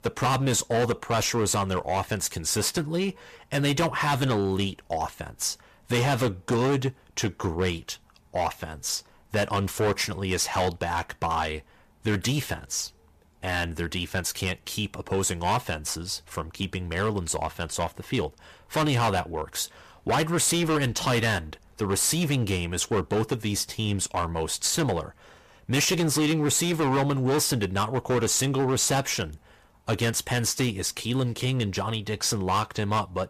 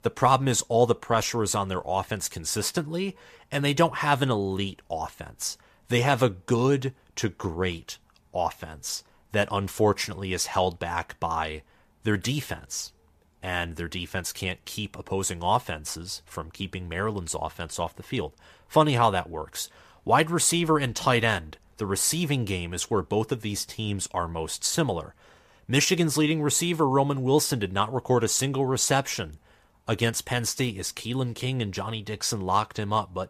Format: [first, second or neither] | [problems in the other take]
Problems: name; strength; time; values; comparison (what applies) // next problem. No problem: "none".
second | distortion; heavy; 11% of the sound clipped